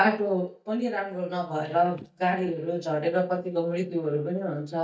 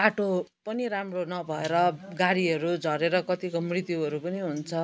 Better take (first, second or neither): second